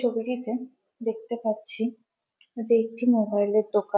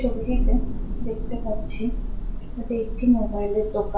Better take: first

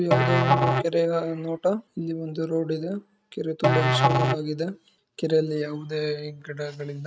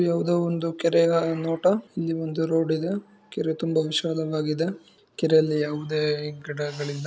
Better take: second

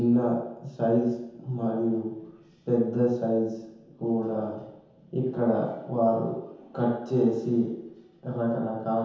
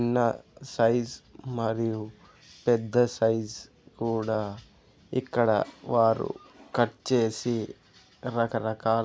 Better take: second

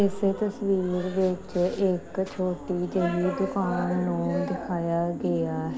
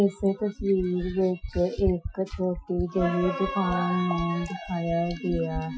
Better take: first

